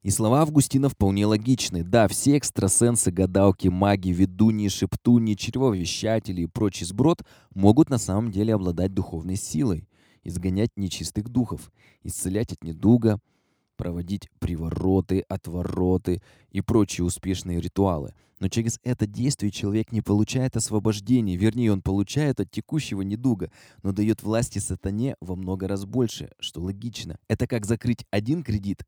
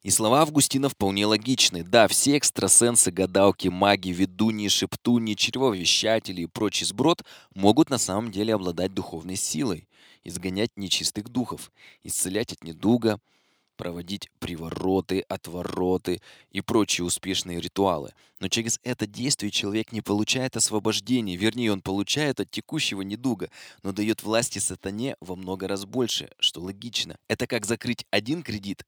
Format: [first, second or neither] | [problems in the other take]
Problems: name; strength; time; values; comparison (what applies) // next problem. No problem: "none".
first | thin; very slightly; fading below 550 Hz